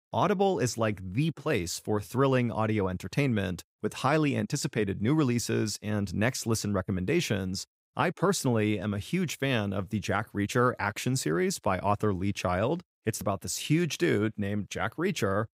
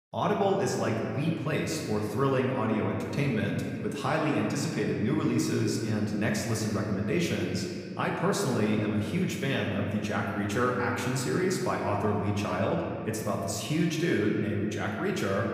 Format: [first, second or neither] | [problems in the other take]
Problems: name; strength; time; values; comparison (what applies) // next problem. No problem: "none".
first | room echo; noticeable; dies away in 2.1 s // off-mic speech; far